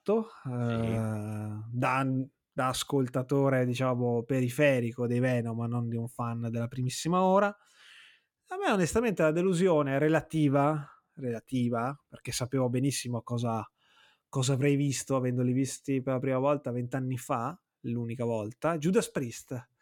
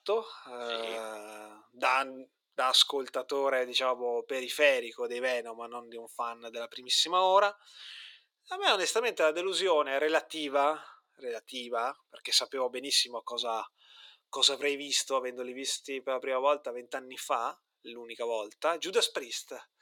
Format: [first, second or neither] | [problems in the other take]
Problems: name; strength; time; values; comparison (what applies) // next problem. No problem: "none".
first | thin; very; fading below 400 Hz